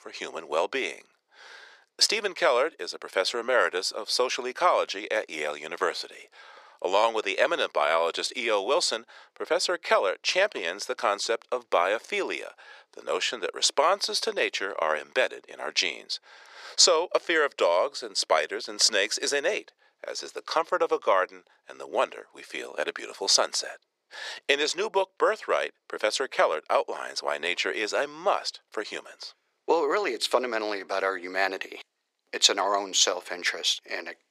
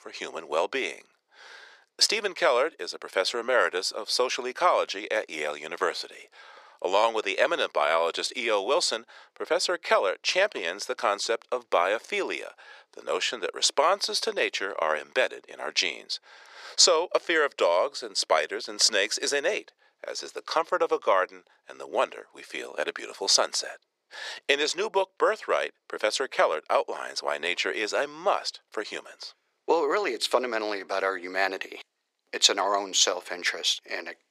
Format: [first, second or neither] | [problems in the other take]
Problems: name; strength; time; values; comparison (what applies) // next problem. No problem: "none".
neither | thin; very; fading below 450 Hz; the same in both